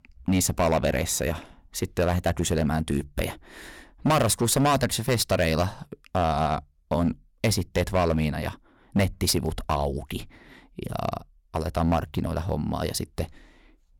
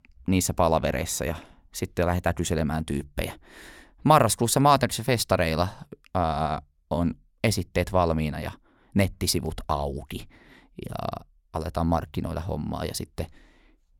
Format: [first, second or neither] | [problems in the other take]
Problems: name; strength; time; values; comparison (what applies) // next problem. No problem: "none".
second | distortion; heavy; 4% of the sound clipped